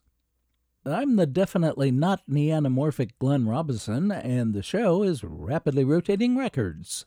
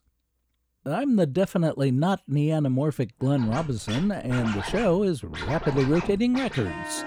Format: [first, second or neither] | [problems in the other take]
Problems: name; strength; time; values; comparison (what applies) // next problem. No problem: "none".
first | background music; very faint; from 3.5 s on; 10 dB below the speech